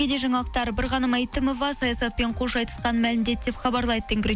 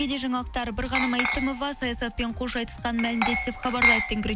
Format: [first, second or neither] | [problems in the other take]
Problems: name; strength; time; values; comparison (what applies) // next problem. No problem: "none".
first | background sound (Glass); 2 dB below the speech